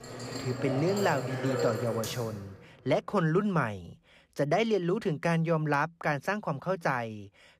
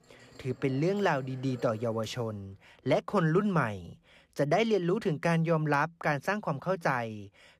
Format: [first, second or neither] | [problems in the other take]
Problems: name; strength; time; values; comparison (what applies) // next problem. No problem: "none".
second | household noises; loud; until 2 s; 5 dB below the speech; faint in the second